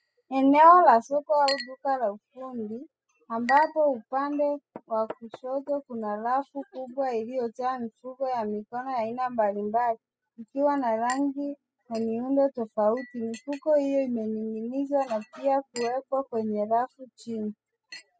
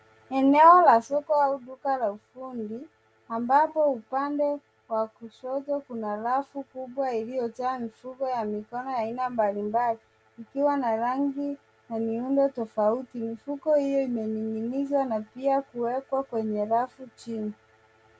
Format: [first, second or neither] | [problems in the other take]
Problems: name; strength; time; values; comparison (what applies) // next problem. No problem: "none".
second | noise reduction (classical method spectral subtraction)